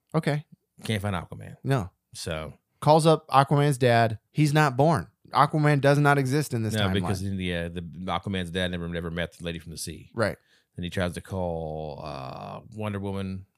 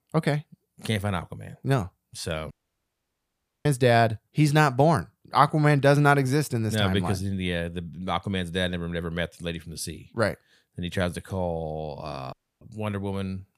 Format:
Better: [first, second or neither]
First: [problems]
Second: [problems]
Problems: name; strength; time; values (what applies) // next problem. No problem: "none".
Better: first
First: none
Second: audio cutting out; at 2.5 s for 1 s and at 12 s